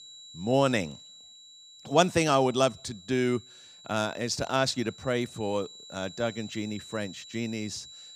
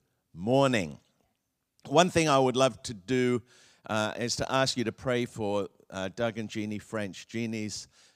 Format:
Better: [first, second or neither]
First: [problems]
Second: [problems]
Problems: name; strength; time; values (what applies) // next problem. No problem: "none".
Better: second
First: high-pitched whine; noticeable; throughout; 4 kHz, 20 dB below the speech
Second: none